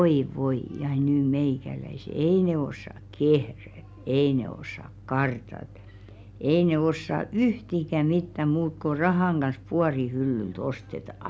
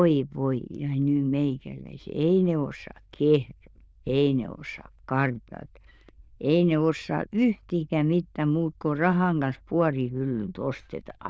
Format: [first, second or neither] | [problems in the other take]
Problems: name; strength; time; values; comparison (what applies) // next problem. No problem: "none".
first | noise reduction (neural diffusion model UNIVERSE++)